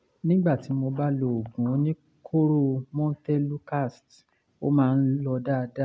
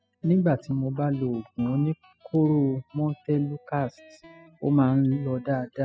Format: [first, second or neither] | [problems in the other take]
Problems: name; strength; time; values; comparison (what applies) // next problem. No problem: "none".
first | noise reduction (classical method spectral subtraction)